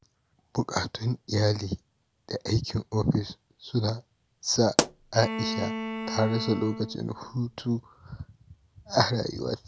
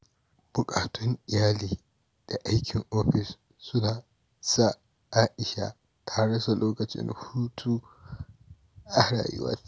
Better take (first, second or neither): second